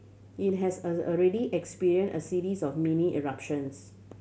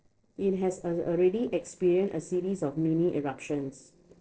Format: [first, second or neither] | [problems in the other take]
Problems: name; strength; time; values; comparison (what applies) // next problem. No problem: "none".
first | noise reduction (neural separator model SepFormer DNS4)